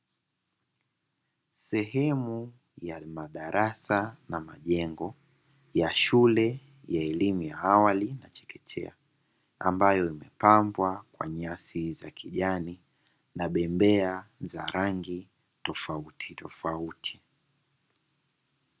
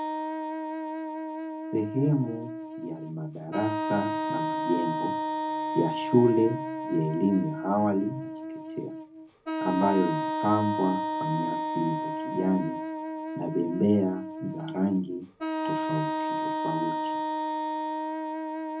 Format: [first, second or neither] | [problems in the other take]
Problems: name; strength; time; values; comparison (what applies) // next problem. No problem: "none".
first | background sound (Wind instrument, woodwind instrument); 2 dB below the speech // room echo; dies away in 0.3 s